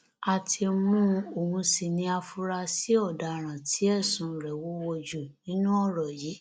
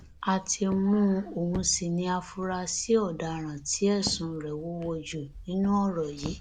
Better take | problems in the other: first | background sound (Walk, footsteps); 16 dB below the speech

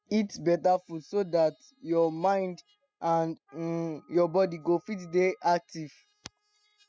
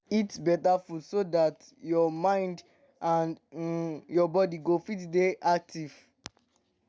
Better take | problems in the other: second | noise reduction (classical method spectral subtraction)

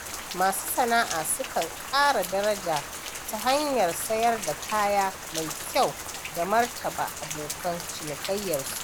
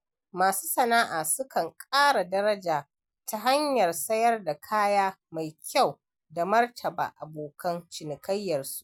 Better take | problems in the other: second | background sound (Rain); 8 dB below the speech

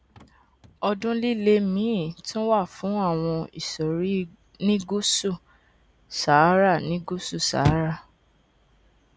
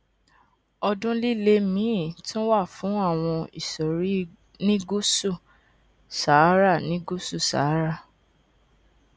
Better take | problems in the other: second | background sound (Chirp, tweet / Slam / Car); 15 dB below the speech

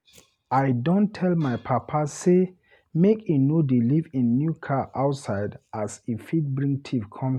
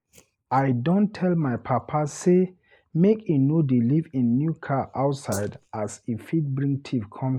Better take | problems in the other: first | noise reduction (neural mask model Resemble Enhance denoiser)

